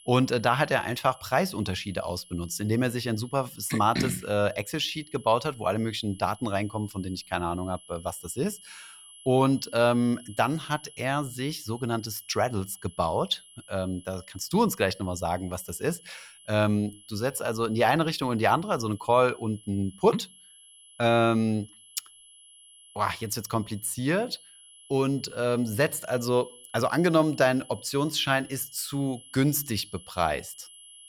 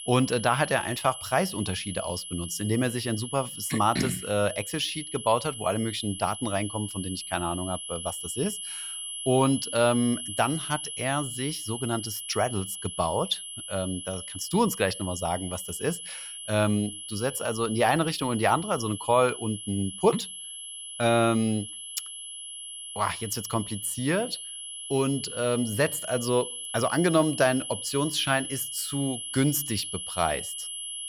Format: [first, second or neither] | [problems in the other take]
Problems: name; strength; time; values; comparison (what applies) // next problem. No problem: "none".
first | high-pitched whine; loud; throughout; 11 kHz, 8 dB below the speech; faint in the first